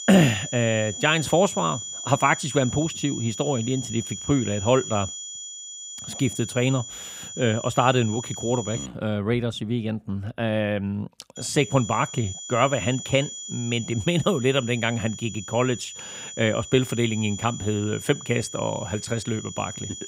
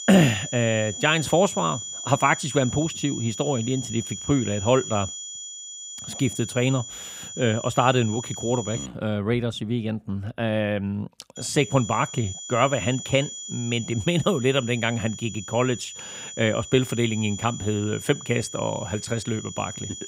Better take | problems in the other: neither | high-pitched whine; loud; until 9 s and from 11 s on; 7 kHz, 9 dB below the speech; the same in both

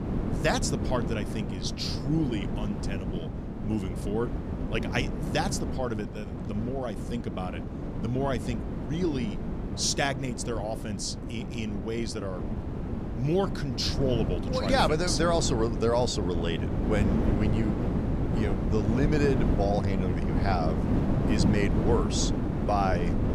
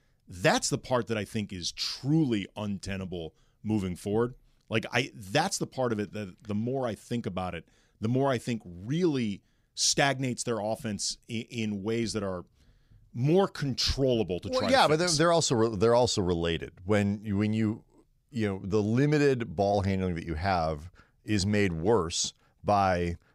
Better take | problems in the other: second | wind noise on the microphone; heavy; 6 dB below the speech

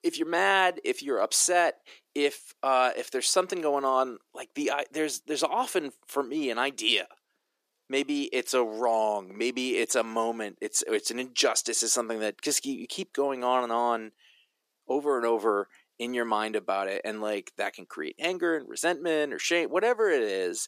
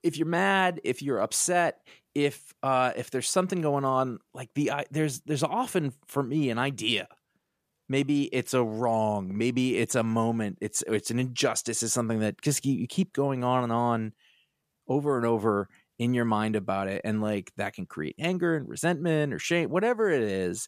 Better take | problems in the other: second | thin; somewhat; fading below 300 Hz

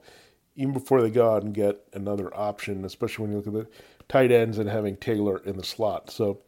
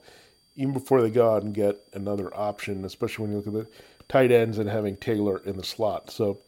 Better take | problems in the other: first | high-pitched whine; faint; throughout; 4.5 kHz, 35 dB below the speech

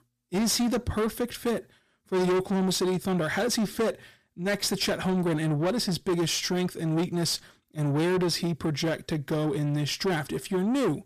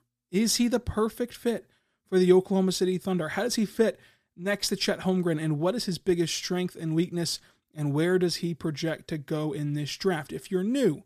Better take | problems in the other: second | distortion; heavy; 7 dB below the speech

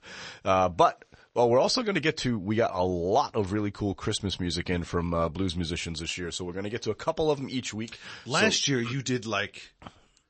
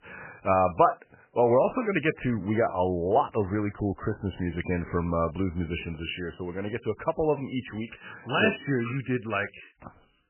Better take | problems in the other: first | garbled, watery; badly; nothing above 3 kHz; slightly in the first

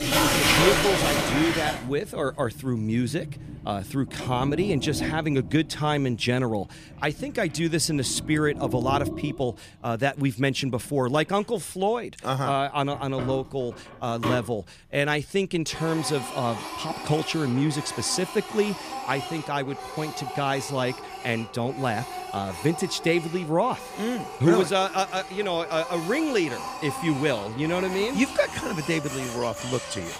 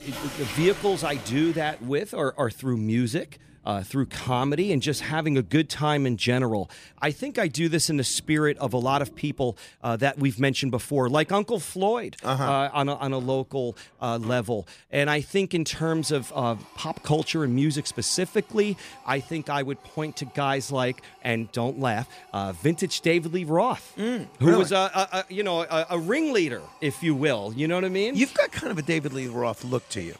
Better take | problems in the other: second | household noises; loud; throughout; 4 dB below the speech; faint in the second

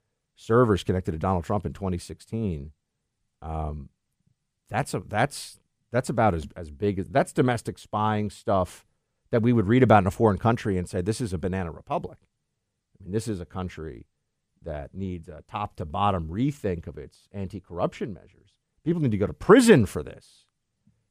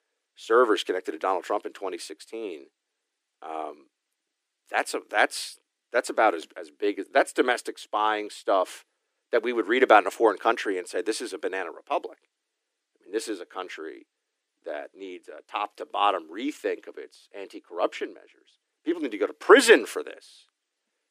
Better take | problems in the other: first | thin; very; fading below 300 Hz

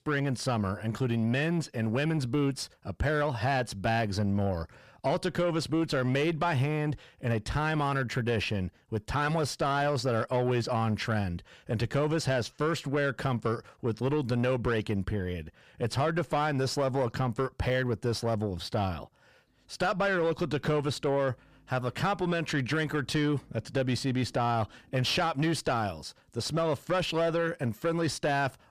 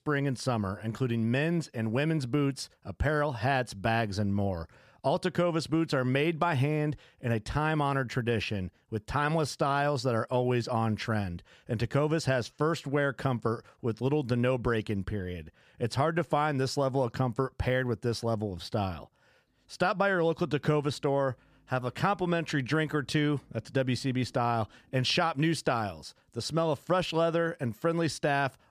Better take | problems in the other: second | distortion; slight; 10 dB below the speech

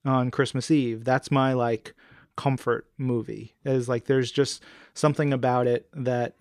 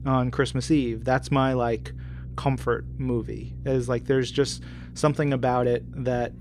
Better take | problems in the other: first | low rumble; faint; throughout; 25 dB below the speech

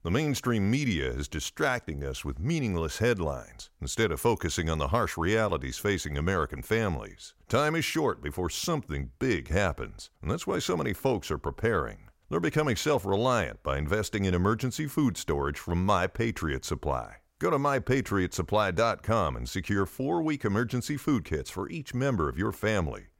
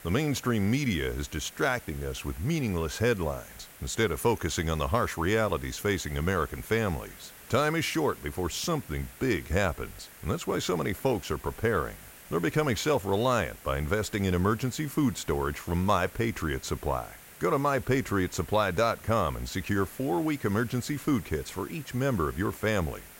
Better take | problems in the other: first | hiss; noticeable; throughout; 20 dB below the speech

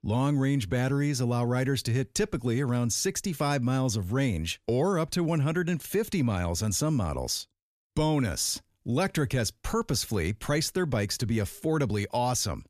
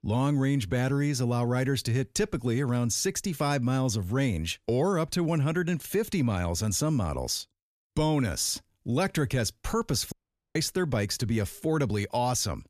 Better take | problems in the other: first | audio cutting out; at 10 s

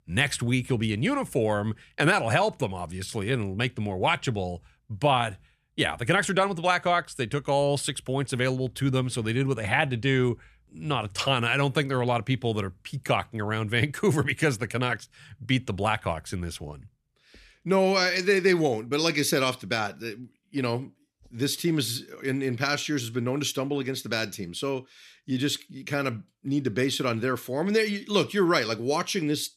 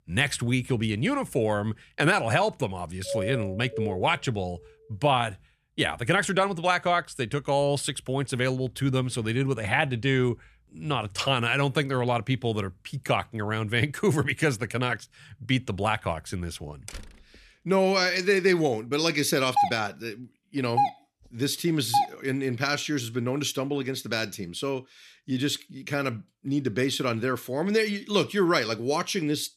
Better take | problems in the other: first | doorbell; noticeable; from 3 to 4 s; peak 5 dB below the speech // door banging; faint; at 17 s; peak 15 dB below the speech // doorbell; loud; from 20 to 22 s; peak 1 dB above the speech

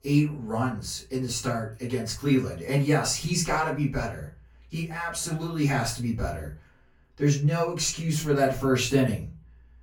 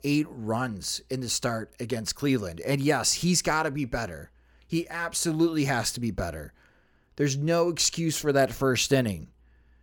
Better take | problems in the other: second | off-mic speech; far // room echo; slight; dies away in 0.3 s

